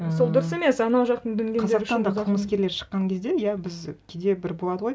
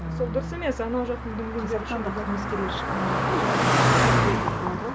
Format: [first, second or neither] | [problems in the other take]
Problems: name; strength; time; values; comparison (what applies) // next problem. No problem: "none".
first | background sound (Car passing by); 5 dB above the speech